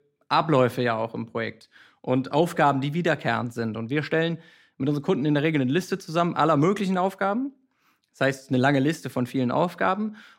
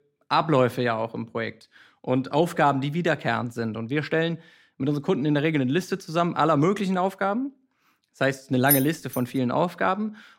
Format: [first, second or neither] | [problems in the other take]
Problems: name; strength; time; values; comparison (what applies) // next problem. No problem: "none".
first | jangling keys; loud; at 8.5 s; peak 1 dB above the speech